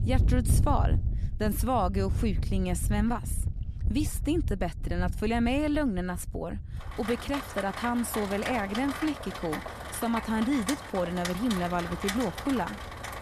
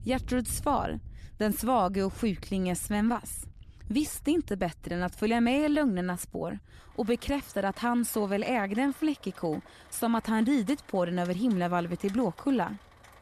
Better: second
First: rain or running water; loud; throughout; 3 dB below the speech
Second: rain or running water; faint; throughout; 20 dB below the speech

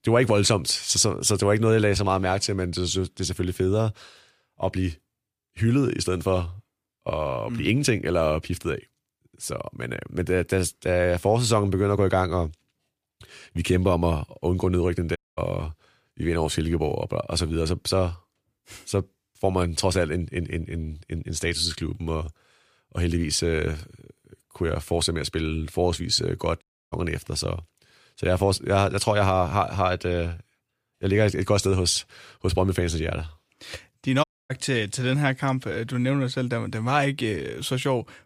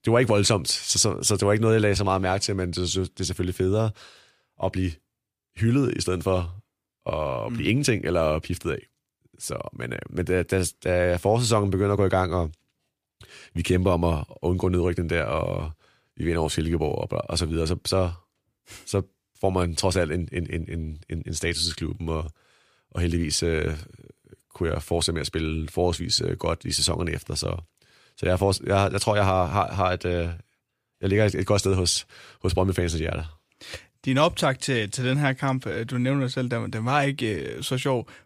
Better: second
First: audio cutting out; at 15 s, at 27 s and at 34 s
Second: none

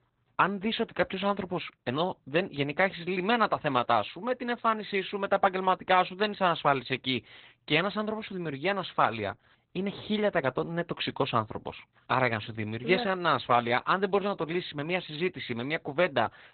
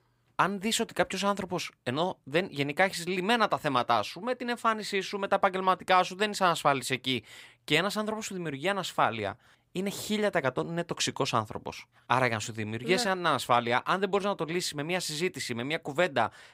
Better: second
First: garbled, watery; badly; nothing above 4 kHz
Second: none

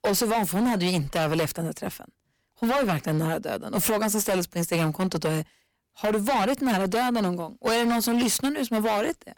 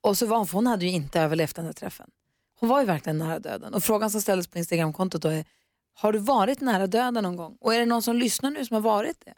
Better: second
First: distortion; heavy; 16% of the sound clipped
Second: none

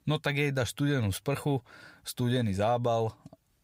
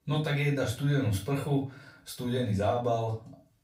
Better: first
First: none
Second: off-mic speech; far // room echo; slight; dies away in 0.3 s

